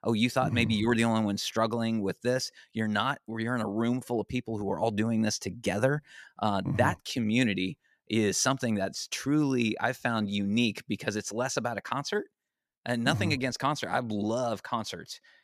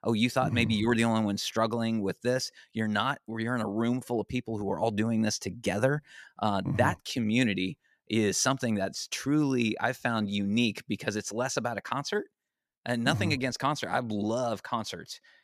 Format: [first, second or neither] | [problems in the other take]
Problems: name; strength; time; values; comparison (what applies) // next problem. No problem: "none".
neither | none